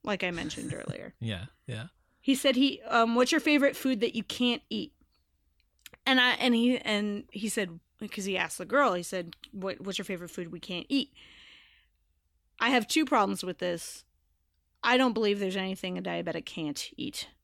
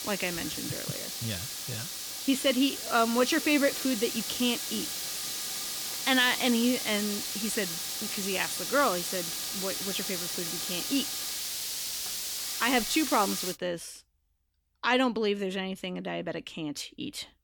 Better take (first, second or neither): first